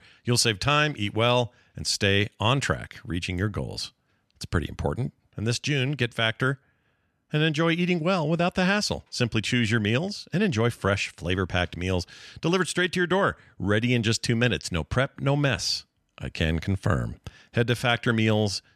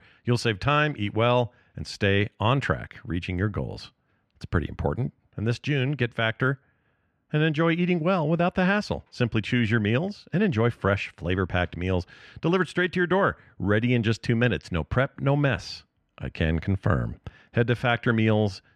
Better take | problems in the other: first | muffled; slightly; fading above 4 kHz

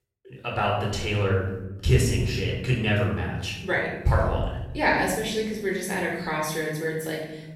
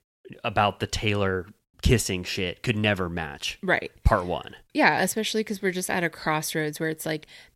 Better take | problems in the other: second | off-mic speech; far // room echo; noticeable; dies away in 1.1 s

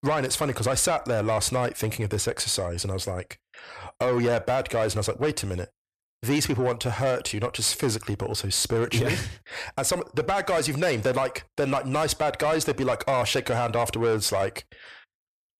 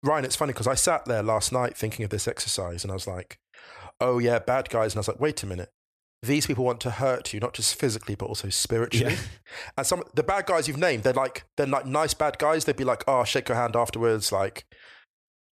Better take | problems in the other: second | distortion; slight; 10 dB below the speech

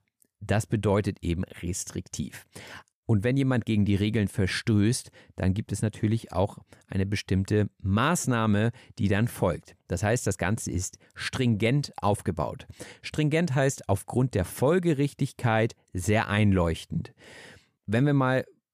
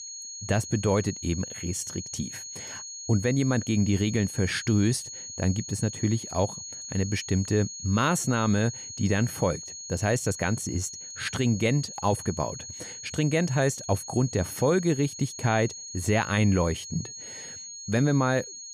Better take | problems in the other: first | high-pitched whine; loud; throughout; 6.5 kHz, 10 dB below the speech

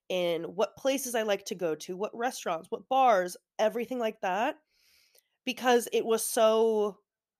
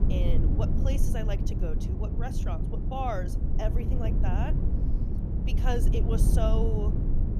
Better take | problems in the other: first | low rumble; loud; throughout; 4 dB below the speech

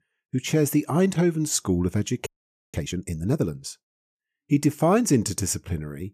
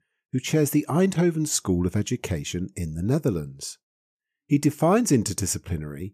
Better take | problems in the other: second | audio freezing; at 2.5 s

